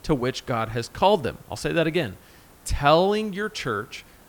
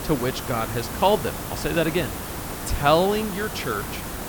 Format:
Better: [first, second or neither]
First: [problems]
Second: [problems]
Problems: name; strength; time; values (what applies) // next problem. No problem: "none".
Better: first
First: hiss; faint; throughout; 25 dB below the speech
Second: hiss; loud; throughout; 7 dB below the speech